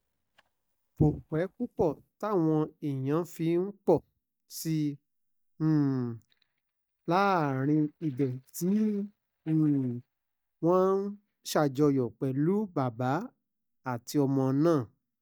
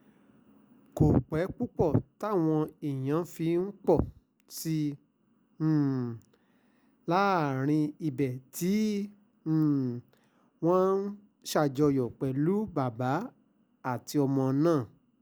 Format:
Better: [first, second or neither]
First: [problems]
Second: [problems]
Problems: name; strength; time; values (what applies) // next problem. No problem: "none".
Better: second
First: noise reduction (neural mask model DeepFilterNet 3)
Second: none